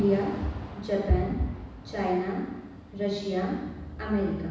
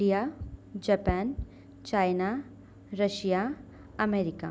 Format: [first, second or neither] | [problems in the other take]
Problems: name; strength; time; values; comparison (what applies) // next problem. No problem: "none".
second | background sound (Thunder / Rain); 16 dB below the speech // room echo; dies away in 1.1 s